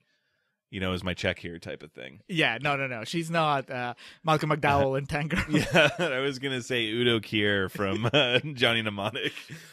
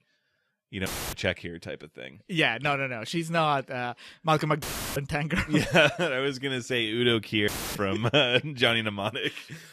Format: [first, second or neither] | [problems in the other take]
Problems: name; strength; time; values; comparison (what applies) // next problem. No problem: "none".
first | audio cutting out; filled with static; at 1 s, at 4.5 s and at 7.5 s